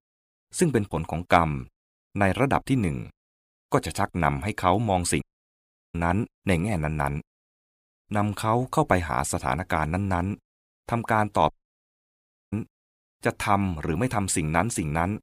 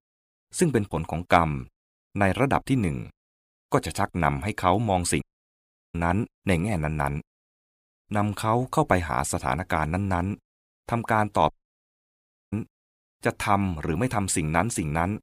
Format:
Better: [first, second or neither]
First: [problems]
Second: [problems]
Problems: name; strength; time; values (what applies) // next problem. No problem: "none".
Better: neither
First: audio cutting out; at 5 s for 0.5 s and at 12 s for 1 s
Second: audio cutting out; at 5 s for 0.5 s and at 12 s for 1 s